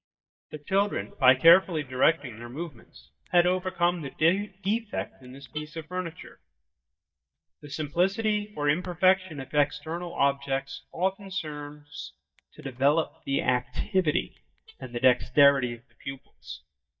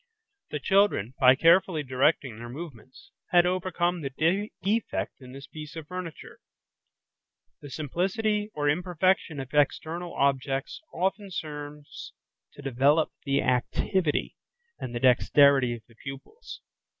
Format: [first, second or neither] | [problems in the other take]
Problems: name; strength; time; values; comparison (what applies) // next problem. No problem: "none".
second | noise reduction (neural mask model DeepFilterNet 3)